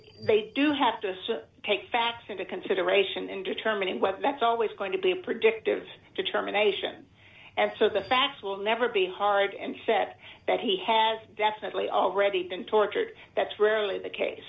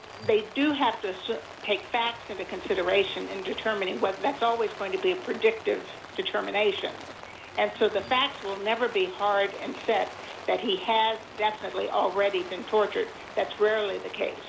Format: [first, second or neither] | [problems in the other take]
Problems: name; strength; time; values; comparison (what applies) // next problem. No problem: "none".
first | background sound (Rain); 15 dB below the speech